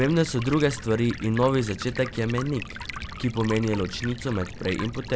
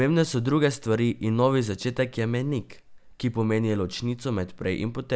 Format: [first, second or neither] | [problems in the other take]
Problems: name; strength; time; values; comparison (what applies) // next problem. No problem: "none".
second | background sound (Stream); 11 dB below the speech